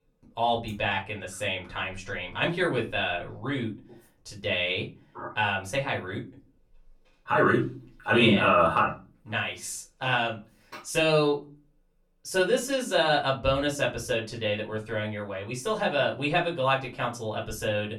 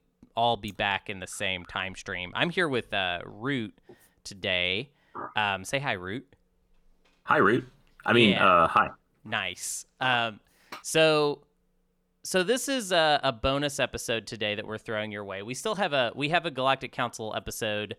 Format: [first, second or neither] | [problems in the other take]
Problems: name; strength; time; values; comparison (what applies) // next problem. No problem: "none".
second | off-mic speech; far // room echo; very slight; dies away in 0.3 s